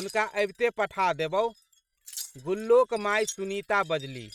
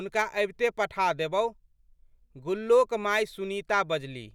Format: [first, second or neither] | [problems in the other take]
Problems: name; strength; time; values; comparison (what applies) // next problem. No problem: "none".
second | noise reduction (neural mask model RNNoise)